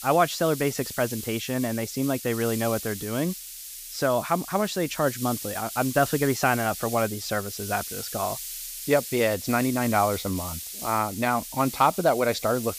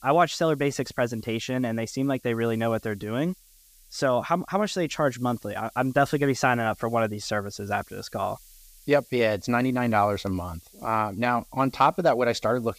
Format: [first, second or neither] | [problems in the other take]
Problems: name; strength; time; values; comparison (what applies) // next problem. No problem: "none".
second | hiss; loud; throughout; 8 dB below the speech; faint in the second